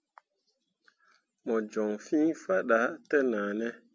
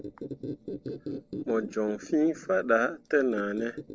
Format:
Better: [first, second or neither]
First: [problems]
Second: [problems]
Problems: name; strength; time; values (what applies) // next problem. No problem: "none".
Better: first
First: none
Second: noise reduction (neural separator model SepFormer DNS4)